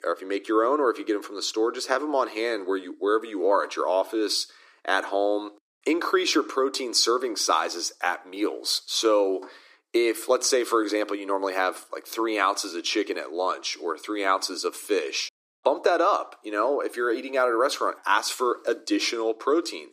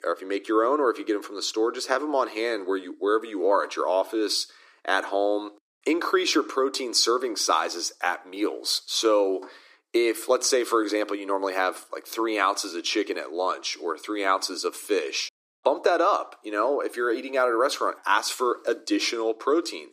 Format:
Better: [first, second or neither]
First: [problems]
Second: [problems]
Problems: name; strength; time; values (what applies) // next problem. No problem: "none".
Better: neither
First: thin; somewhat; fading below 300 Hz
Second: thin; somewhat; fading below 300 Hz